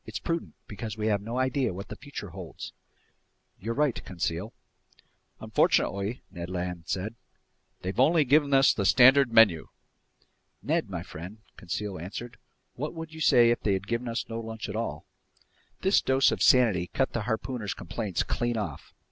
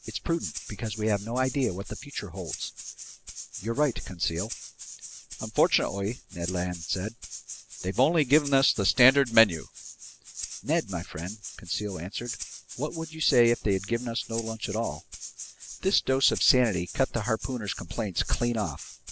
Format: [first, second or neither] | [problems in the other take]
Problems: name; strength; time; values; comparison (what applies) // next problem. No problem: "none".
first | background sound (Rattle (instrument)); 13 dB below the speech